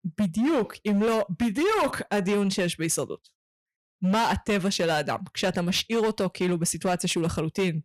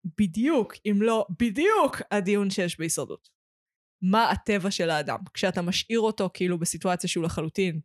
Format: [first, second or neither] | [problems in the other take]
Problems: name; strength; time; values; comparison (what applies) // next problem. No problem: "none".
second | distortion; slight; 14% of the sound clipped